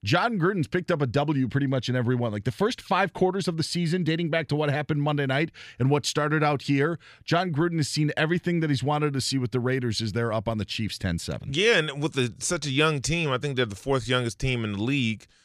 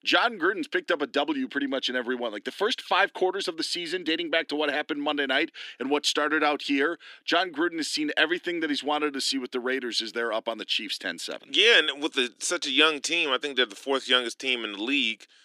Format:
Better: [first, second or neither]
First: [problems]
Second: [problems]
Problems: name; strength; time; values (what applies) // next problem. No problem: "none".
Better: first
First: none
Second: thin; somewhat; fading below 250 Hz